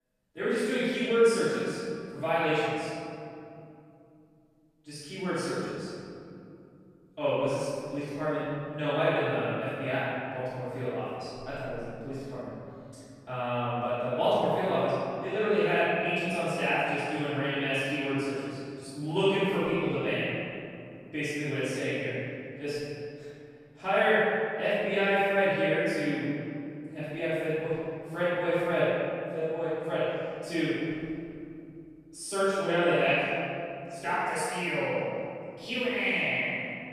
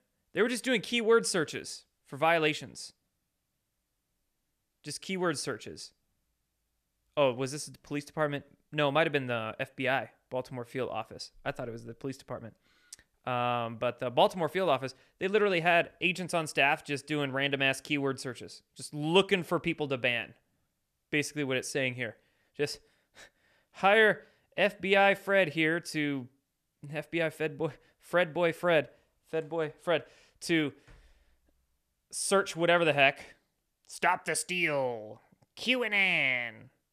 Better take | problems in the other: second | off-mic speech; far // room echo; strong; dies away in 2.8 s

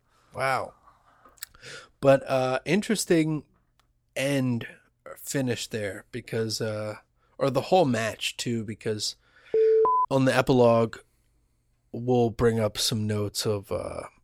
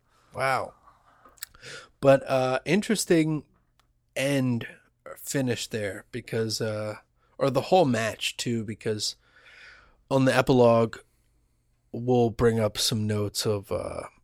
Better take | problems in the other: second | alarm; loud; at 9.5 s; peak 5 dB above the speech

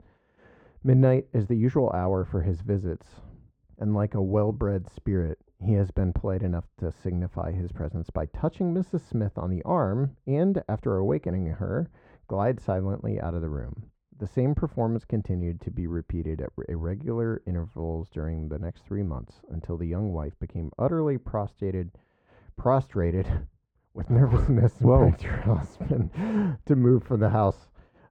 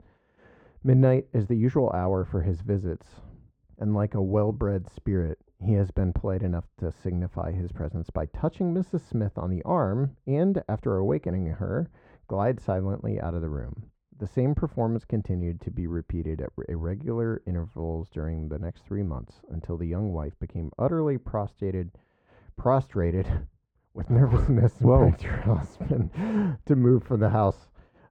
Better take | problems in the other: neither | muffled; very; fading above 2.5 kHz; the same in both

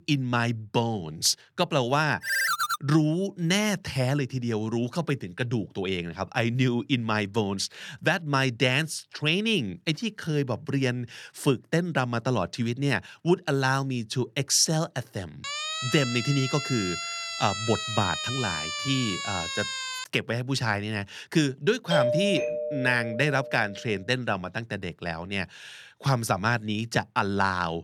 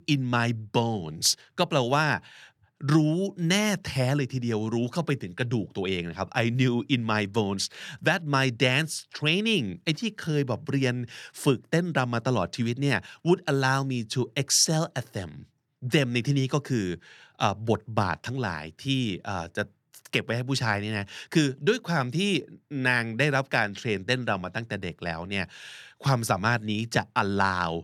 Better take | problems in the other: second | phone ringing; loud; at 2 s; peak 3 dB above the speech // siren; noticeable; from 15 to 20 s; peak 2 dB below the speech // doorbell; loud; from 22 to 24 s; peak 2 dB above the speech

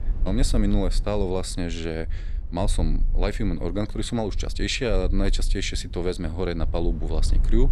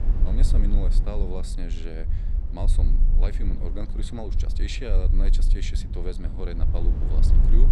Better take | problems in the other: first | low rumble; loud; throughout; 6 dB below the speech; faint in the first

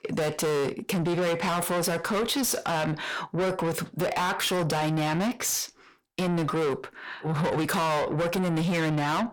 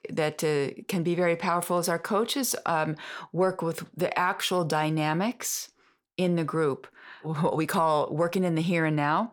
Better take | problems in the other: second | distortion; heavy; 6 dB below the speech

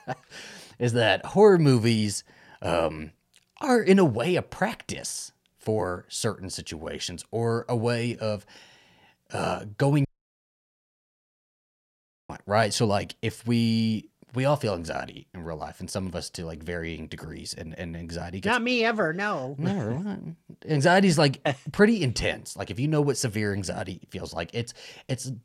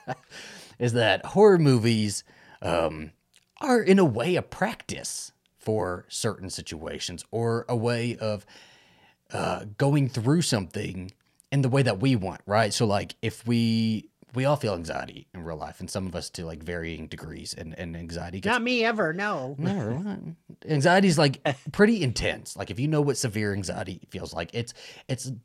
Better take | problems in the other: second | audio cutting out; at 10 s for 2 s

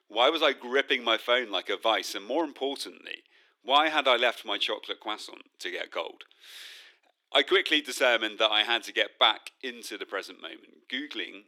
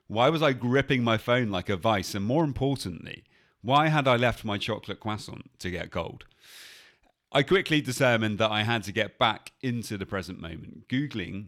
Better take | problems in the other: second | thin; somewhat; fading below 300 Hz

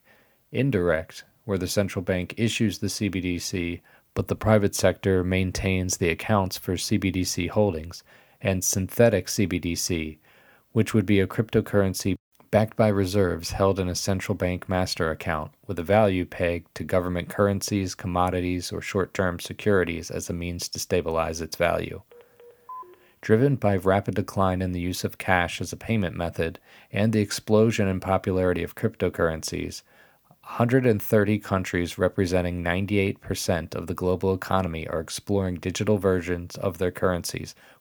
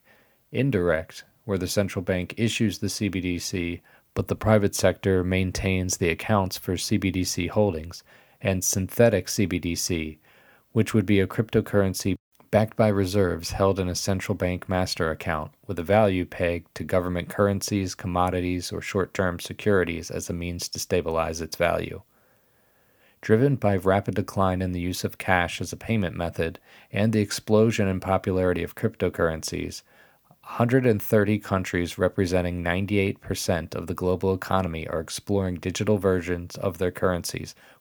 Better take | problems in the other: second | phone ringing; faint; at 22 s; peak 15 dB below the speech

